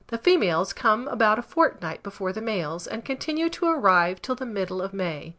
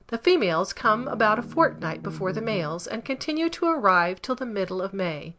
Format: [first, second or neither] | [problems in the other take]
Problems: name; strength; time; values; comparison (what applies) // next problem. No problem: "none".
first | background sound (Bass guitar); 12 dB below the speech